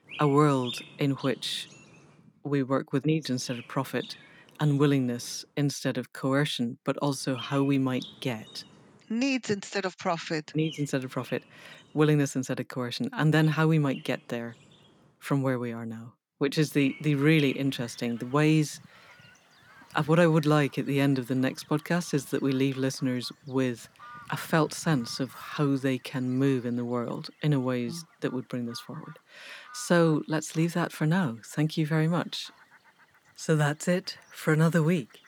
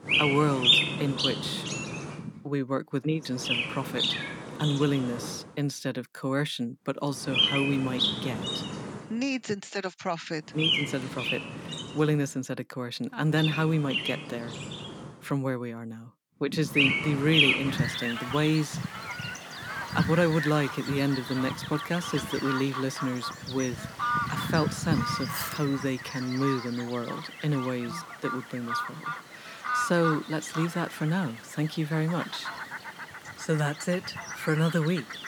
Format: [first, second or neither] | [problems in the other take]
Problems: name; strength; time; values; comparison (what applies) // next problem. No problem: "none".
first | animal sounds; loud; throughout; as loud as the speech; faint in the first